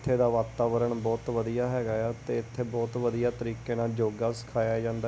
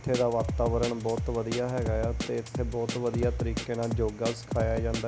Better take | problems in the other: first | background sound (Drum kit); 3 dB below the speech

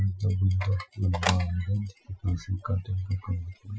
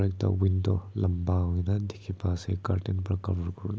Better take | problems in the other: second | noise reduction (classical method Wiener filter)

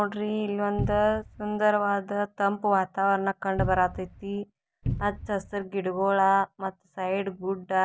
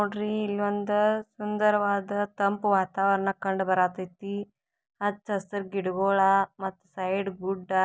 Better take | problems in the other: second | background sound (Cupboard open or close); 6 dB below the speech

